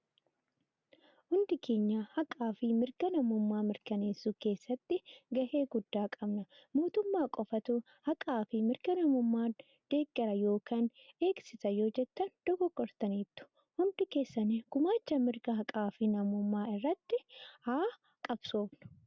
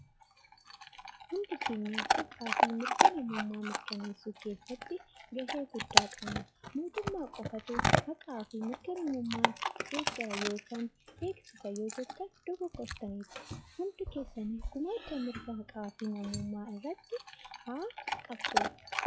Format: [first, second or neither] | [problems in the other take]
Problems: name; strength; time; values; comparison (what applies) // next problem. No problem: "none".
first | noise reduction (classical method log-MMSE)